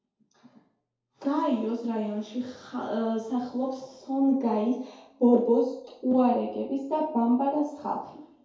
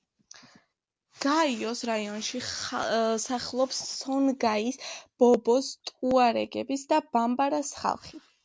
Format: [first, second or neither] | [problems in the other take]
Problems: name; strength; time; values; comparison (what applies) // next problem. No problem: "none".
second | room echo; dies away in 2.4 s